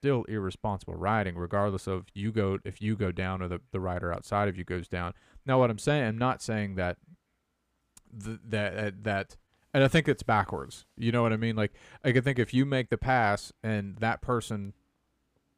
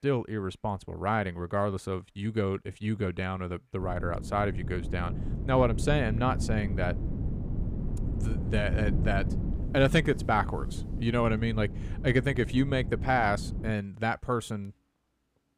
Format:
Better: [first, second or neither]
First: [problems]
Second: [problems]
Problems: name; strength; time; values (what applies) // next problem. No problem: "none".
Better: first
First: none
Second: wind noise on the microphone; occasional gusts; from 4 to 14 s; 15 dB below the speech